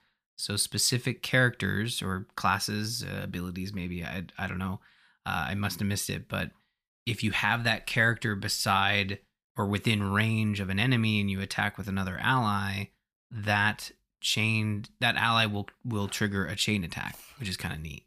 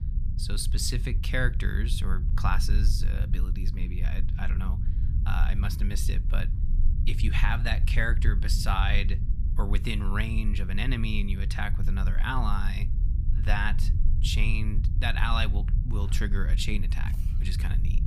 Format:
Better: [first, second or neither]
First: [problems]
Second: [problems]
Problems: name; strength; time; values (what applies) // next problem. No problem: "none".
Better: first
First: none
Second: low rumble; noticeable; throughout; 15 dB below the speech